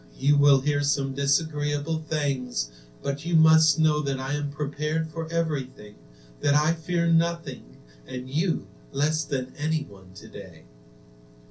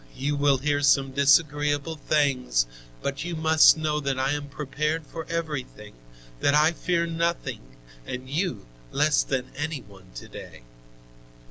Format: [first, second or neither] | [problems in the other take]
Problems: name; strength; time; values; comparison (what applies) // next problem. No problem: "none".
second | room echo; dies away in 0.3 s